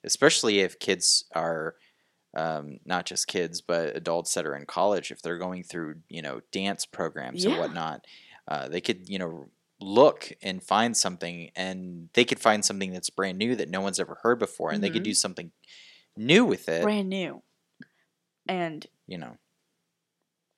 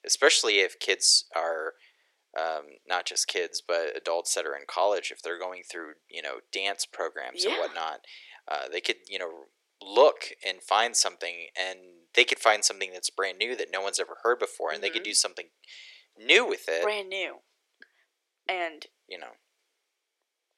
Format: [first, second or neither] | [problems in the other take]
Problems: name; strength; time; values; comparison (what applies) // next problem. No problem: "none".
first | thin; very; fading below 400 Hz